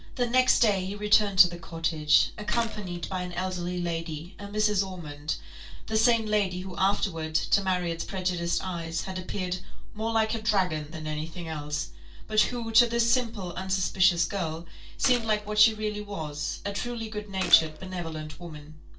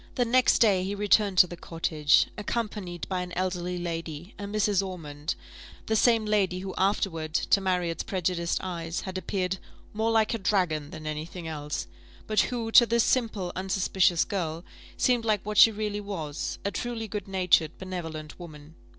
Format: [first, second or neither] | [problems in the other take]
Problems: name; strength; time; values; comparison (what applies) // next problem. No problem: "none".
second | background sound (Gunshot, gunfire); 14 dB below the speech // room echo; dies away in 0.2 s